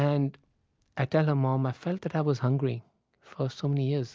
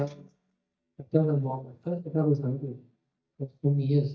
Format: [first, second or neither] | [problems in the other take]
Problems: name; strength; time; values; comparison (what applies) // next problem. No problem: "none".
first | noise reduction (neural mask model DeepFilterNet 3)